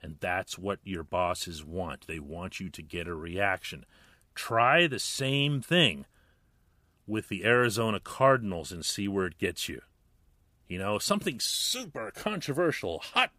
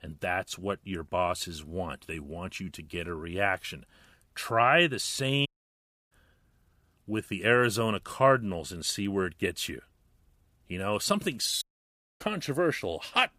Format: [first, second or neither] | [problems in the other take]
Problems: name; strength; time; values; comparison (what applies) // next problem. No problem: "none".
first | audio cutting out; at 5.5 s for 0.5 s and at 12 s for 0.5 s